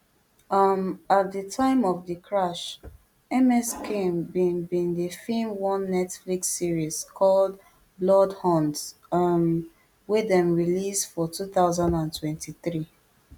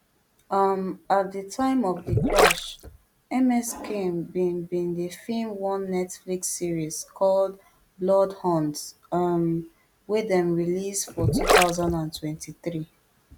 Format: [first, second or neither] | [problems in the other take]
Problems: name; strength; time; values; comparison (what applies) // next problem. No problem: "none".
first | background sound (Gurgling); 3 dB above the speech